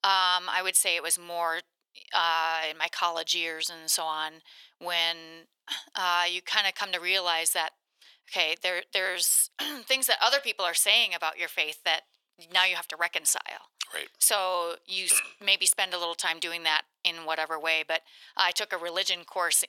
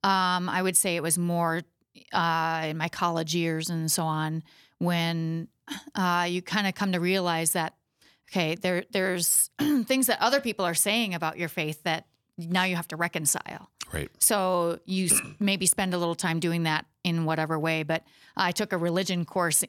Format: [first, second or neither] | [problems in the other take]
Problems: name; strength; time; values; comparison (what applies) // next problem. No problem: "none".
second | thin; very; fading below 550 Hz